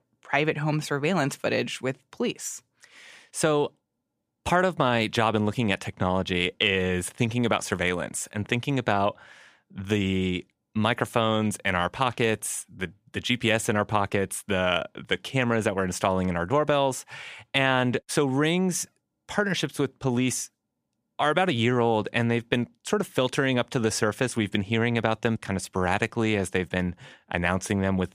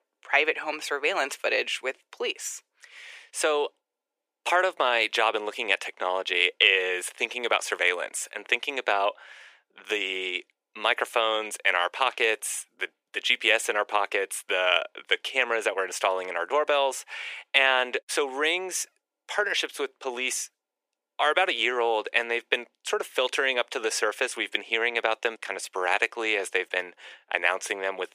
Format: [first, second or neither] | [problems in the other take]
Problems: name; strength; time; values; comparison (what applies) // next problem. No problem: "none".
first | thin; very; fading below 400 Hz